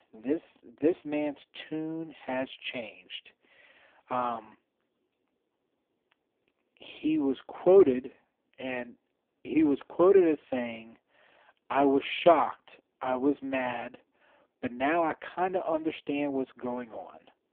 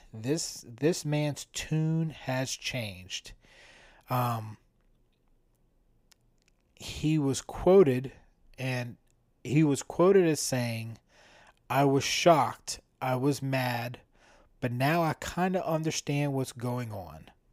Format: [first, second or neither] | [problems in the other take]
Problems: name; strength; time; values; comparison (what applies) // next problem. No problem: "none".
second | phone-call audio; poor line